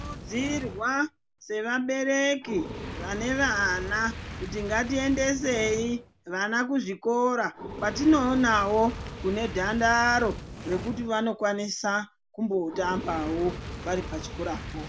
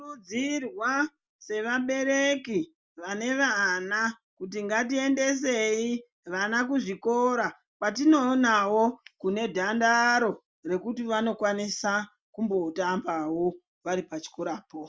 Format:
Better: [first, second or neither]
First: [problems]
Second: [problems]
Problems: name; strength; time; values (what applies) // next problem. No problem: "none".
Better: second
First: background sound (Fire); 11 dB below the speech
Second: none